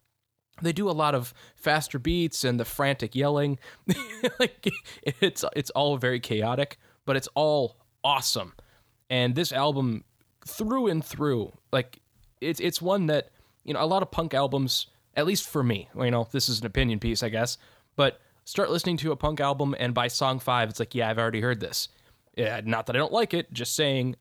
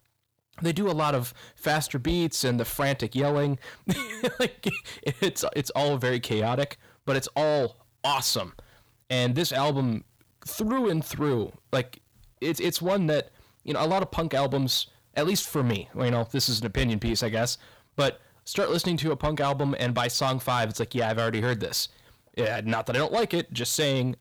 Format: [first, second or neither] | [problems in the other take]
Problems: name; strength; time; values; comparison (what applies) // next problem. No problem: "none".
first | distortion; slight; 10 dB below the speech